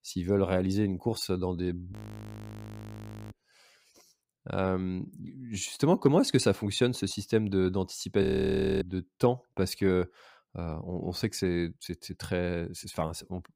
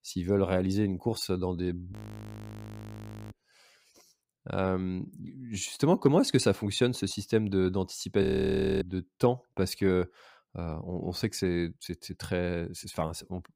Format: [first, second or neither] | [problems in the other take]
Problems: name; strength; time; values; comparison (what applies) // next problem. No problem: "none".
neither | audio freezing; at 2 s for 1.5 s and at 8 s for 0.5 s; the same in both